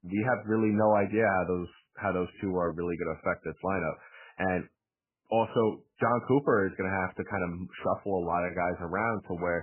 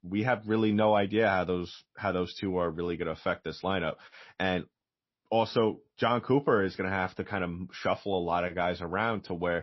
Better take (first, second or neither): second